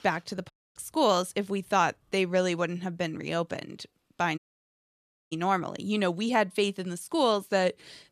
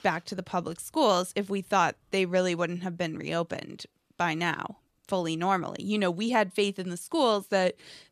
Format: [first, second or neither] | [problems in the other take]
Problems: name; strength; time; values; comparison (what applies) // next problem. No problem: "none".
second | audio cutting out; at 0.5 s and at 4.5 s for 1 s